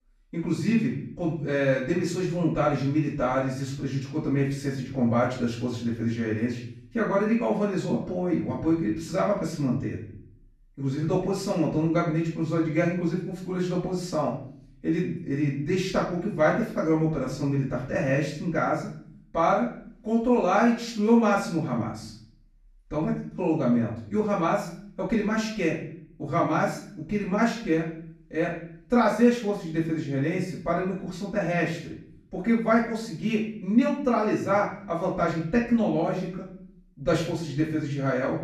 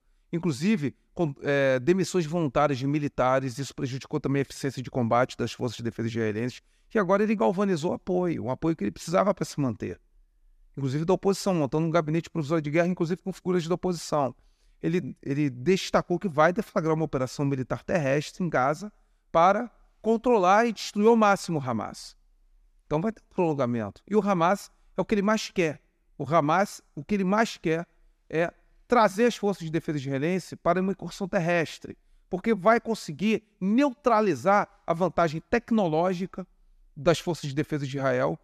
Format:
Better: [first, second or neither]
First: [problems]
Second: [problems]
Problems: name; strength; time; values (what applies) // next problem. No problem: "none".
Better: second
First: off-mic speech; far // room echo; noticeable; dies away in 0.6 s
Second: none